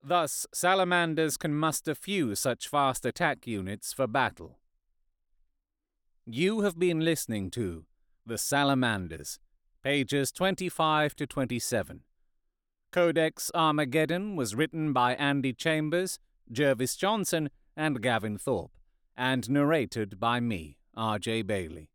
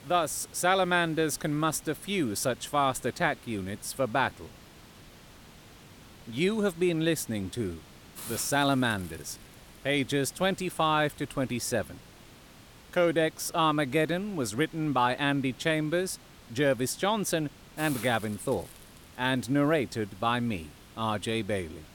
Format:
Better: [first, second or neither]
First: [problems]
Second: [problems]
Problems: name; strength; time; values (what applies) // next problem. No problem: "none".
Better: first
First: none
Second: hiss; faint; throughout; 20 dB below the speech